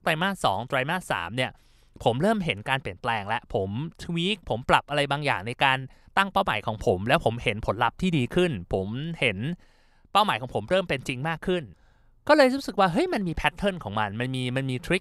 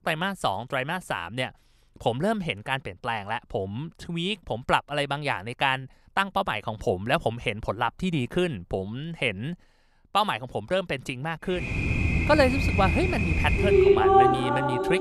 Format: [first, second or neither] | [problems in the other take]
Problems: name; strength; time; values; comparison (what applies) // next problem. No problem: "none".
first | rain or running water; very loud; from 12 s on; 5 dB above the speech